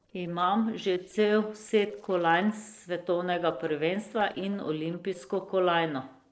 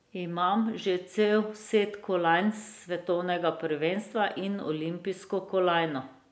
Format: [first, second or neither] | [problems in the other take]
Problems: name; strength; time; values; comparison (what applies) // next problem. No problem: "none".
second | noise reduction (neural separator model SepFormer DNS4)